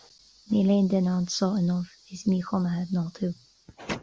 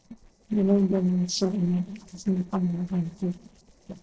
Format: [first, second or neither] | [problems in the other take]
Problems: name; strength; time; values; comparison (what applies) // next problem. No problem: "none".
first | noise reduction (neural separator model SepFormer DNS4)